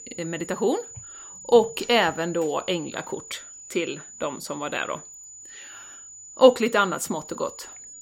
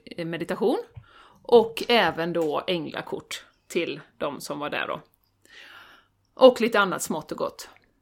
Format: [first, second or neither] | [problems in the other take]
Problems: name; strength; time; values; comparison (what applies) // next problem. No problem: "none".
second | high-pitched whine; noticeable; throughout; 7 kHz, 15 dB below the speech